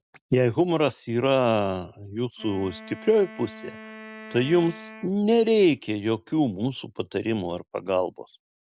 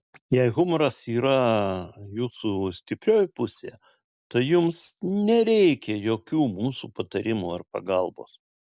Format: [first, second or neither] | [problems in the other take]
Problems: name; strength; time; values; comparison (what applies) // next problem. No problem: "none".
second | background sound (Wind instrument, woodwind instrument); 18 dB below the speech